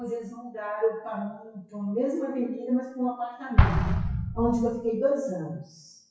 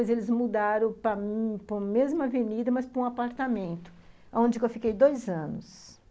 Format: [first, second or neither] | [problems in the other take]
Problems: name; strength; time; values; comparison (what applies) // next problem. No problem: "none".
second | noise reduction (classical method WPE with log-MMSE)